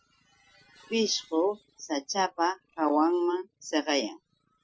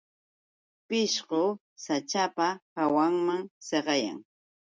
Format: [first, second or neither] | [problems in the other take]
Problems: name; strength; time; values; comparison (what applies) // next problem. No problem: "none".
second | noise reduction (classical method Wiener filter)